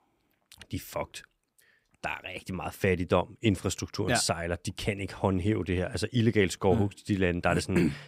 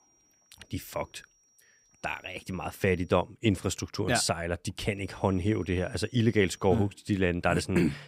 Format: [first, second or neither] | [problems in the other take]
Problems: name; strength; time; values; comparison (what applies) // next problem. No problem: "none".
first | high-pitched whine; faint; until 3 s and from 5 to 7 s; 5.5 kHz, 35 dB below the speech